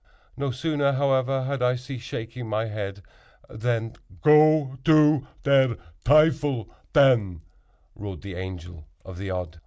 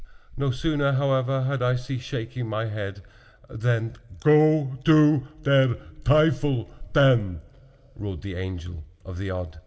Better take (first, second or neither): first